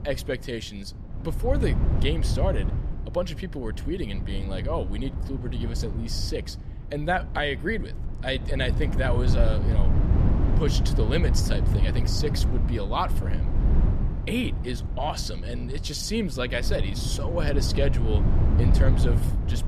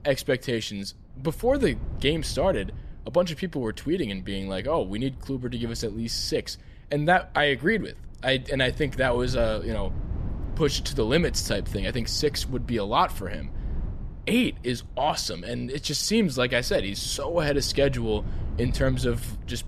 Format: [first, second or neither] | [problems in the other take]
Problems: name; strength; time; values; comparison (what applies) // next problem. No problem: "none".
second | wind noise on the microphone; heavy; 8 dB below the speech; occasional gusts in the second